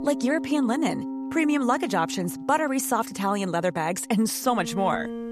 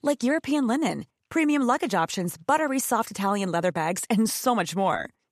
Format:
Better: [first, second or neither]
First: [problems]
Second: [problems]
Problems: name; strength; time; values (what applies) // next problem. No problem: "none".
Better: second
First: background music; loud; throughout; 10 dB below the speech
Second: none